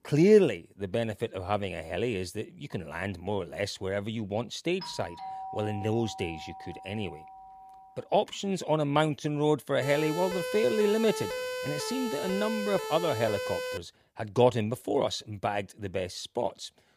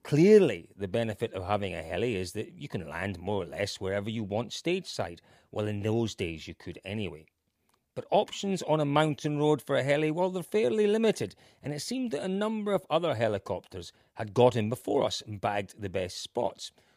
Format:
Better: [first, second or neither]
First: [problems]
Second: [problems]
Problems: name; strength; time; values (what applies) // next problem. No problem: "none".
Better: second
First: doorbell; noticeable; from 5 to 8 s; peak 9 dB below the speech // siren; noticeable; from 10 to 14 s; peak 4 dB below the speech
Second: none